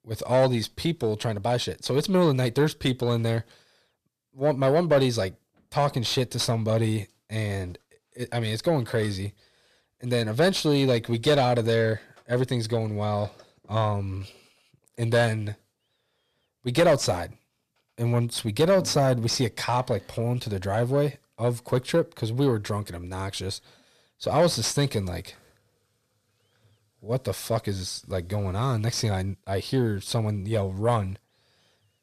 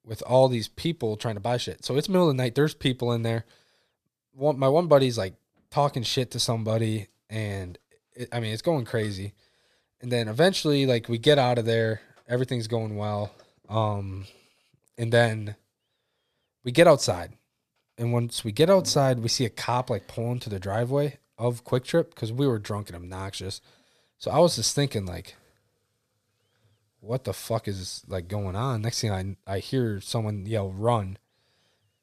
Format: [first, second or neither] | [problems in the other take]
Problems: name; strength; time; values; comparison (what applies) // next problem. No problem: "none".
second | distortion; slight; 10 dB below the speech